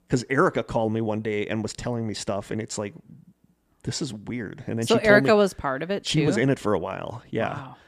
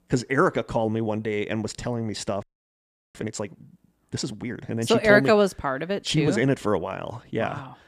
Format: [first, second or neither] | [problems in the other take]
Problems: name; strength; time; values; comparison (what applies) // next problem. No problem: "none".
first | audio freezing; at 2.5 s for 0.5 s